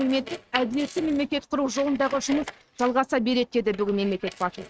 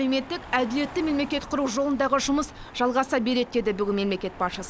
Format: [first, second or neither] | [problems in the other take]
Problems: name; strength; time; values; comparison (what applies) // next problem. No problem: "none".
second | noise reduction (neural mask model RNNoise)